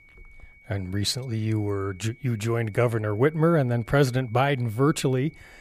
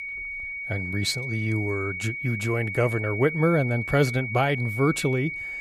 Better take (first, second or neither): first